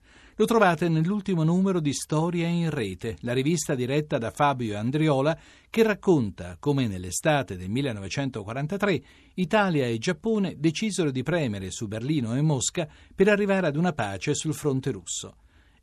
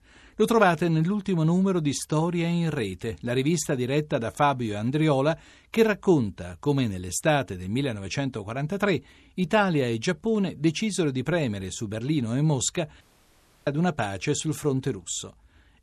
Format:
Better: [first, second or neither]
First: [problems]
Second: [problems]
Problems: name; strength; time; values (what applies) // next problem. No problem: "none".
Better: first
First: none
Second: audio cutting out; at 13 s for 0.5 s